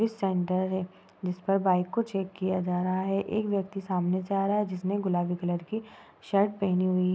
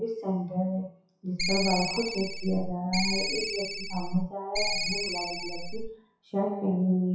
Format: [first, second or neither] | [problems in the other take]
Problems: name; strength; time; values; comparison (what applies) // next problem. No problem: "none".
first | noise reduction (classical method WPE with log-MMSE)